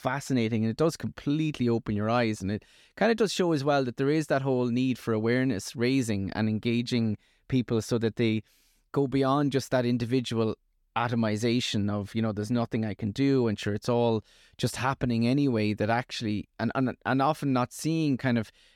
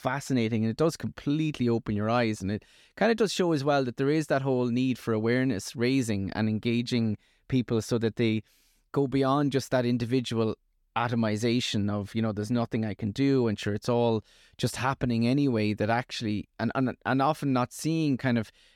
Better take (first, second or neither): neither